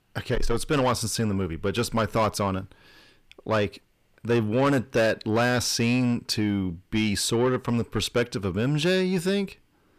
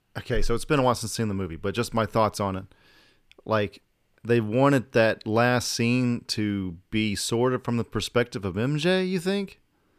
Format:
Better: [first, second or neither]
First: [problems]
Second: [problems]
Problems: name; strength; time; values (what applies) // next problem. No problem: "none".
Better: second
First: distortion; slight; 10 dB below the speech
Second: none